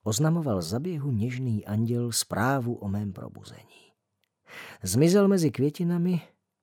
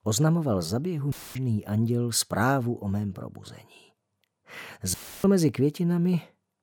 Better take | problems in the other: first | audio cutting out; filled with static; at 1 s and at 5 s

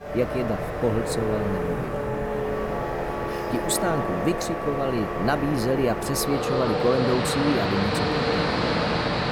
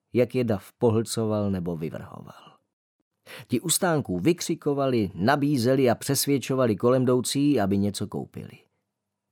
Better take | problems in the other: second | train or aircraft noise; very loud; throughout; as loud as the speech

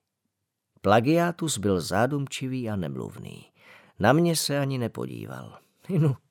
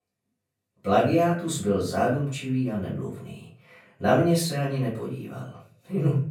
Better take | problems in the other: first | off-mic speech; far // room echo; noticeable; dies away in 0.4 s

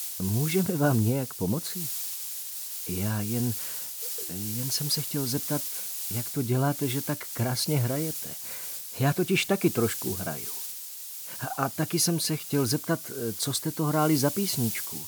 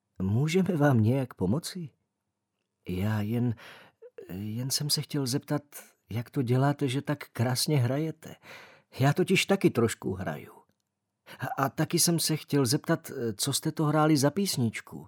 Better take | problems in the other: second | hiss; loud; throughout; 5 dB below the speech

